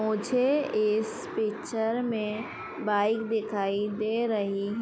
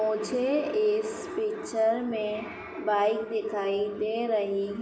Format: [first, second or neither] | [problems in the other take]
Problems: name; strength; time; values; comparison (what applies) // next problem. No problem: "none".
first | room echo; dies away in 0.8 s